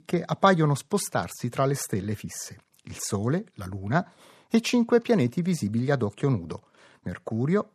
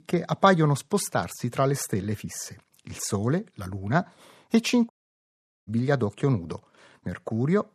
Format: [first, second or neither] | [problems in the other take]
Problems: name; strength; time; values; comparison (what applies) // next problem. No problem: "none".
first | audio cutting out; at 5 s for 1 s